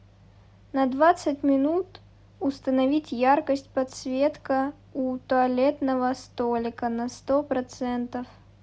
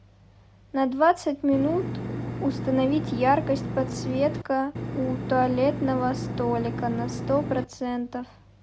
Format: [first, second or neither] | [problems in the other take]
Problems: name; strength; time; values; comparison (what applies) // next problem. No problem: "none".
first | background sound (Engine); 5 dB below the speech